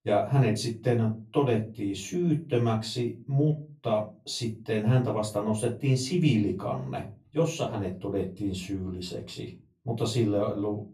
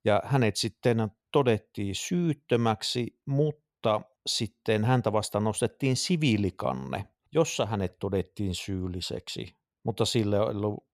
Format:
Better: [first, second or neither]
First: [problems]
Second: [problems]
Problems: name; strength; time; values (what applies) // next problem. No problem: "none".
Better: second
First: room echo; slight; dies away in 0.3 s // off-mic speech; far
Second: none